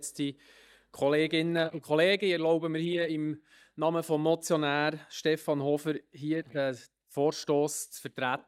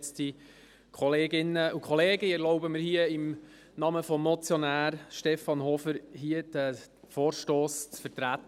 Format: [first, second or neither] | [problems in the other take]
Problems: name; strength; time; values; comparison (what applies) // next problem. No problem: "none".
second | noise reduction (neural mask model DeepFilterNet 3)